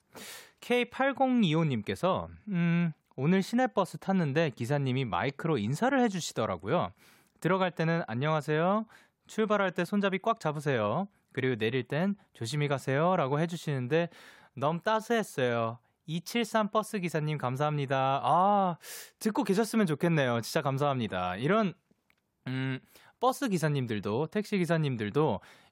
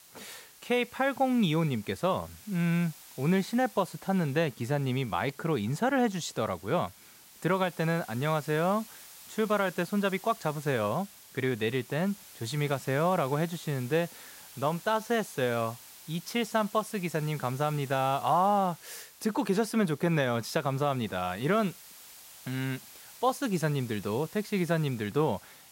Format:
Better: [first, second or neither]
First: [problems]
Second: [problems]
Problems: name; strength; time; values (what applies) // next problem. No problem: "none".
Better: first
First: none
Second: hiss; noticeable; throughout; 20 dB below the speech